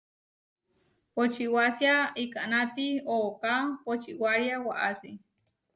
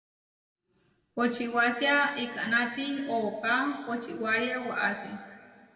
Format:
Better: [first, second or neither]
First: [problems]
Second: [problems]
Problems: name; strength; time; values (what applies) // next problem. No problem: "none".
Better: first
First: none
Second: room echo; dies away in 1.8 s